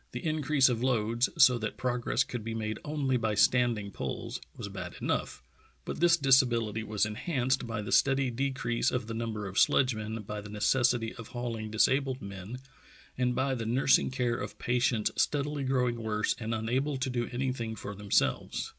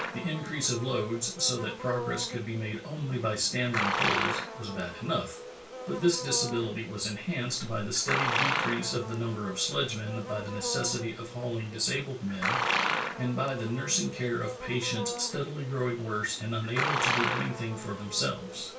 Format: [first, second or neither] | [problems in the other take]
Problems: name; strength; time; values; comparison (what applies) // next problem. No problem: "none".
first | background sound (Livestock, farm animals, working animals); 3 dB below the speech // room echo; dies away in 0.2 s